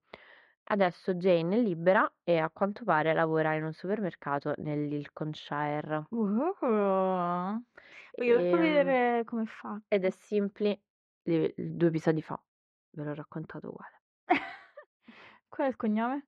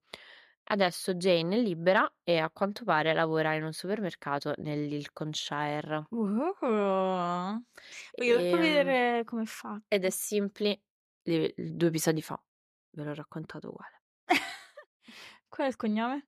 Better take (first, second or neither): second